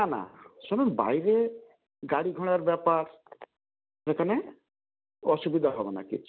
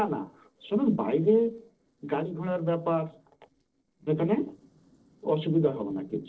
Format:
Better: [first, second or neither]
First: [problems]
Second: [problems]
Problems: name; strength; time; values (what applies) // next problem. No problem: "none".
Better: first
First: none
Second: noise reduction (neural separator model SepFormer DNS4)